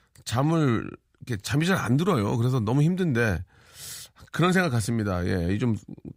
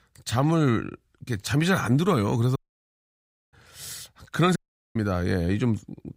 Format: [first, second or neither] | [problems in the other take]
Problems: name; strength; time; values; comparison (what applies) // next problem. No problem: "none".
first | audio cutting out; at 2.5 s for 1 s and at 4.5 s